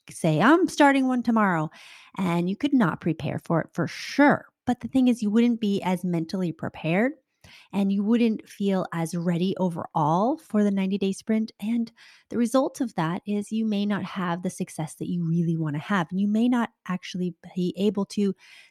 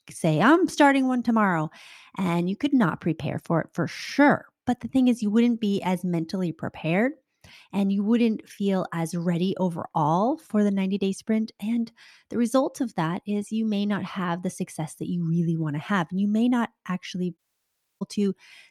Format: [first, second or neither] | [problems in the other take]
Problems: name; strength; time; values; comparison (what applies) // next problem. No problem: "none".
first | audio cutting out; at 17 s for 0.5 s